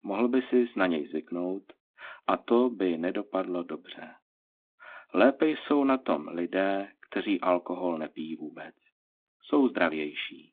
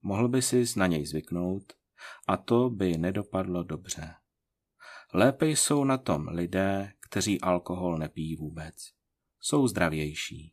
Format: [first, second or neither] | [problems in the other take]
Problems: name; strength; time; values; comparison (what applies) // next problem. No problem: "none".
second | phone-call audio